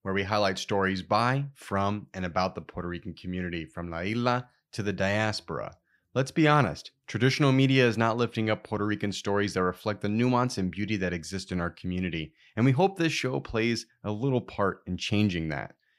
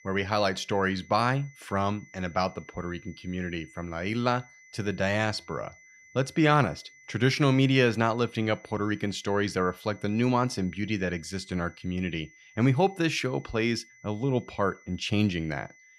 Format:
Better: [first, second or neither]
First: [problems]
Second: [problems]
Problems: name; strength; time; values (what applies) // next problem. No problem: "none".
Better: first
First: none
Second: high-pitched whine; faint; throughout; 2 kHz, 25 dB below the speech